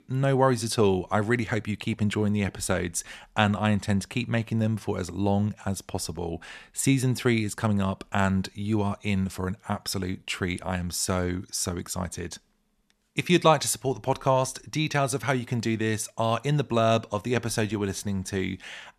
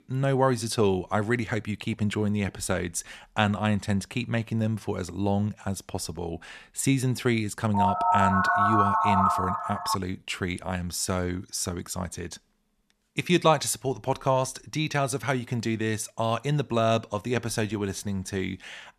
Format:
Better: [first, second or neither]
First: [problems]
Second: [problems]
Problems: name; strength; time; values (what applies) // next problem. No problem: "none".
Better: first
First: none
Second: phone ringing; loud; from 7.5 to 10 s; peak 6 dB above the speech